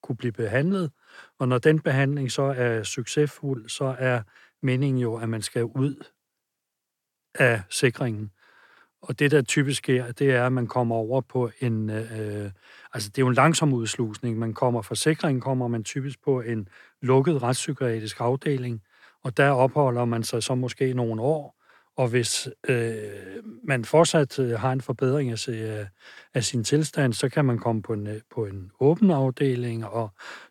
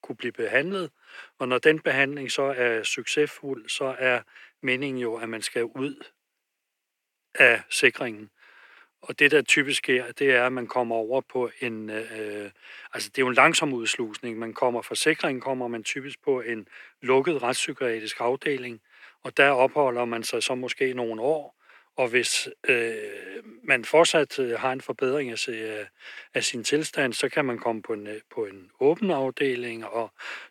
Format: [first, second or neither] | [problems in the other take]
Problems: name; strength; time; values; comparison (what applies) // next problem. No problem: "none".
first | thin; somewhat; fading below 350 Hz